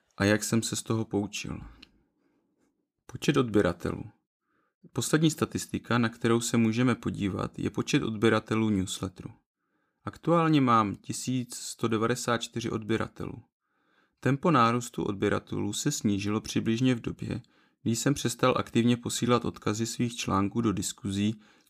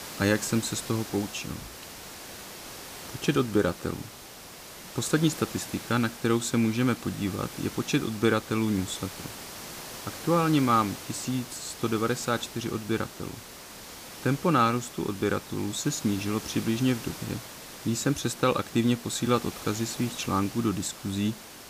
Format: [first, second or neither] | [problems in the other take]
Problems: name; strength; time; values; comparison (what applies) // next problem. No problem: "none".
first | hiss; noticeable; throughout; 10 dB below the speech